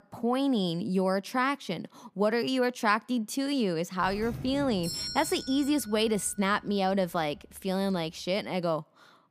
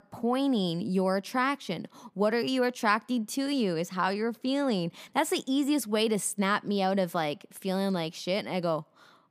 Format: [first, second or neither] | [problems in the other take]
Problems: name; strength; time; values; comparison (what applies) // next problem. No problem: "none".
second | doorbell; noticeable; from 4 to 7.5 s; peak 4 dB below the speech